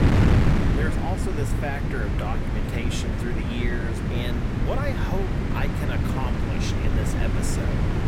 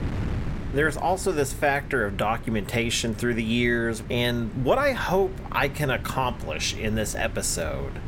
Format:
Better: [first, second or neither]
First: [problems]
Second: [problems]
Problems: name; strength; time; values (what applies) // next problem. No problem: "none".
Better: second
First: wind noise on the microphone; heavy; 1 dB above the speech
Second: wind noise on the microphone; occasional gusts; 20 dB below the speech